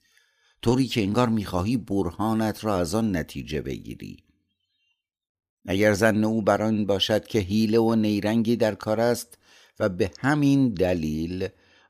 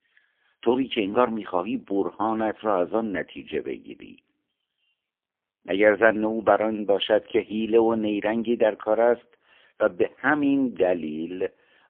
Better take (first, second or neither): first